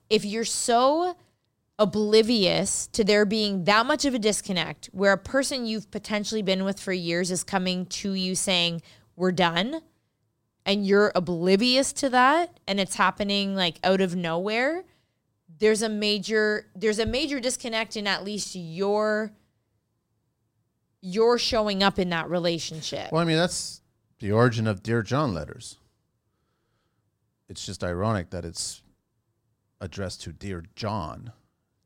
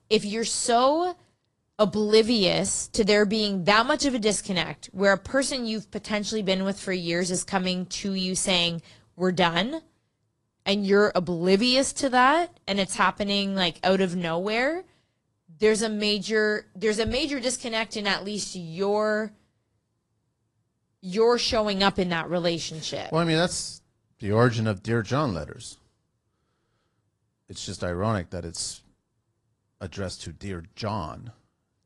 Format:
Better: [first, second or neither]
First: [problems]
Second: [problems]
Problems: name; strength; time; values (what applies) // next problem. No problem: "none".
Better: first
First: none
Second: garbled, watery; slightly; nothing above 10 kHz